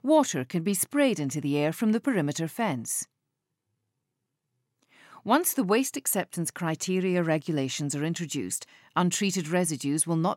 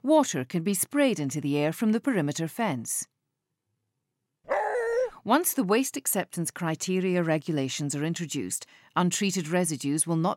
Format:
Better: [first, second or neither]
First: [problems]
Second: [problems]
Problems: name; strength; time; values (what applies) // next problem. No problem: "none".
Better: first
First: none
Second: dog barking; noticeable; at 4.5 s; peak level with the speech